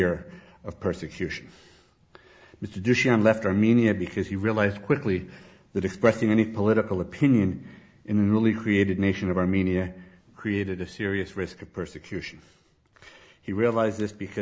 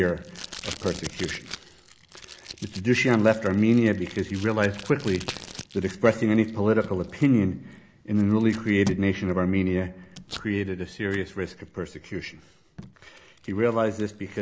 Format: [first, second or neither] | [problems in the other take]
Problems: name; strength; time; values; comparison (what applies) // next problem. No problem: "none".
first | background sound (Packing tape, duct tape); 17 dB below the speech